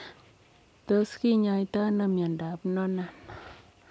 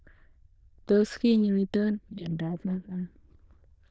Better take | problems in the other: first | noise reduction (neural diffusion model UNIVERSE++)

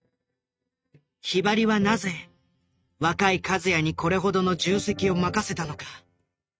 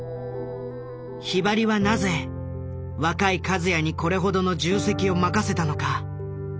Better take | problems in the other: second | noise reduction (neural mask model RNNoise)

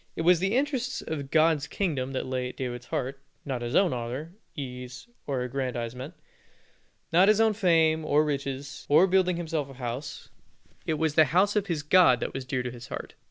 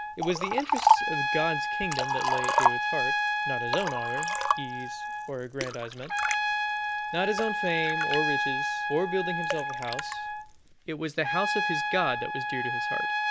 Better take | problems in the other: first | background sound (Trumpet + Liquid); 5 dB above the speech

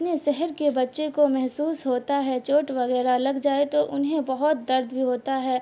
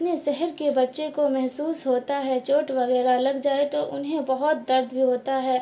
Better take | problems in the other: first | room echo; dies away in 0.8 s

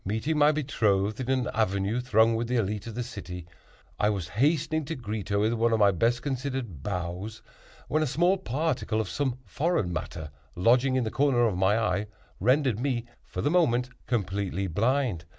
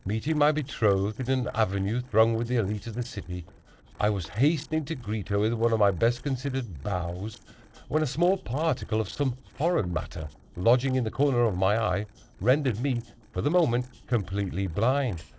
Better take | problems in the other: first | noise reduction (neural separator model SepFormer DNS4)

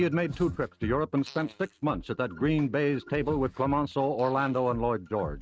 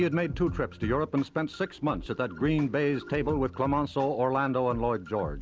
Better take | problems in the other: second | noise reduction (neural mask model RNNoise)

